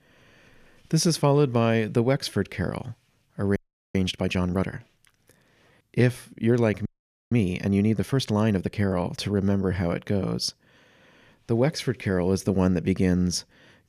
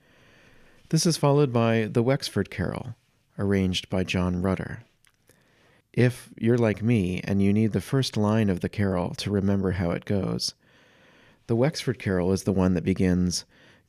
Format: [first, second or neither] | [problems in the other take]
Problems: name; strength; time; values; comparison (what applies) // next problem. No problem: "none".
second | audio freezing; at 3.5 s and at 7 s